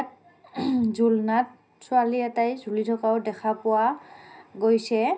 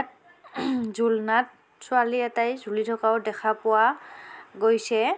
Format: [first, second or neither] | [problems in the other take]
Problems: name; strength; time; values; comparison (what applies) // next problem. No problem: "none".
second | room echo; dies away in 0.4 s